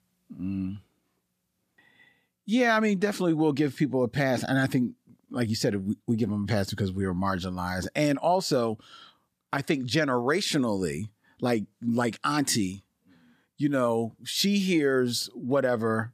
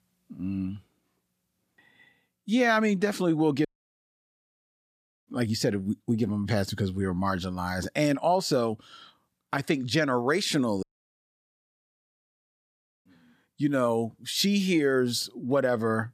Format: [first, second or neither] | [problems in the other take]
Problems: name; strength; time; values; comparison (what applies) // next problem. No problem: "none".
first | audio cutting out; at 3.5 s for 1.5 s and at 11 s for 2 s